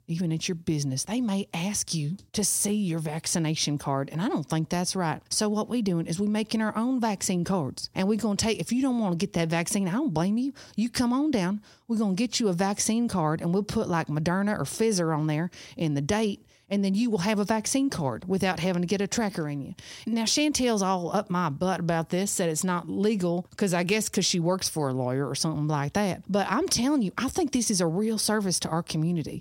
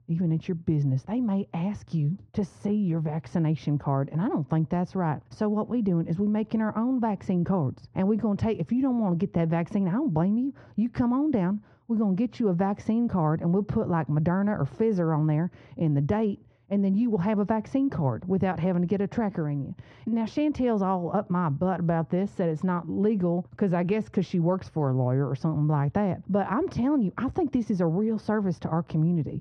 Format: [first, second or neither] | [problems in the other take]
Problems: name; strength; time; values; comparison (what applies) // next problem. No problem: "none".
first | muffled; very; fading above 1.5 kHz